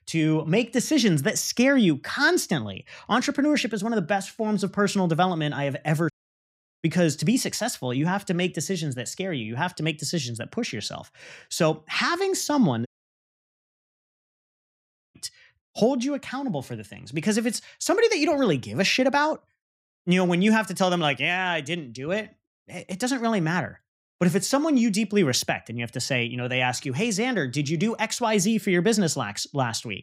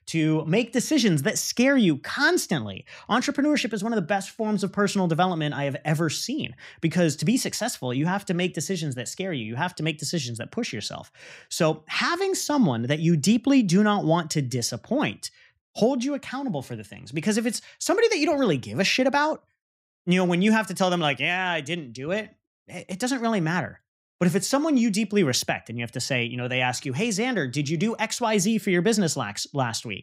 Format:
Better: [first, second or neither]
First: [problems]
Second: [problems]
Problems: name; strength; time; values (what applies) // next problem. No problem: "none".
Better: second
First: audio cutting out; at 6 s for 0.5 s and at 13 s for 2.5 s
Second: none